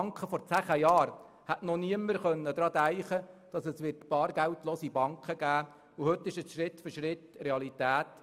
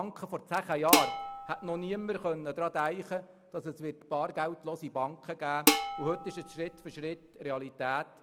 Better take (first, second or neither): first